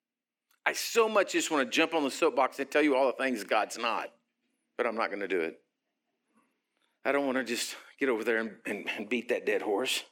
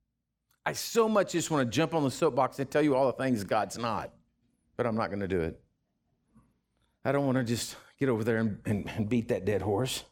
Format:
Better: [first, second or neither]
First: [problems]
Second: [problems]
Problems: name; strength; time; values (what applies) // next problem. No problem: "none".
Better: second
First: thin; very slightly; fading below 300 Hz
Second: none